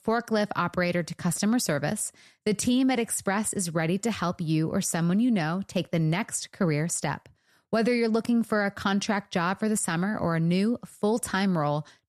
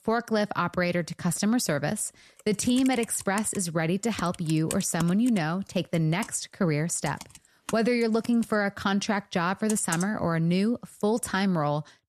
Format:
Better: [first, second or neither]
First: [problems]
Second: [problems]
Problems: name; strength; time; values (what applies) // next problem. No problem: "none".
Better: first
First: none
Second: keyboard typing; noticeable; from 2.5 to 11 s; peak 7 dB below the speech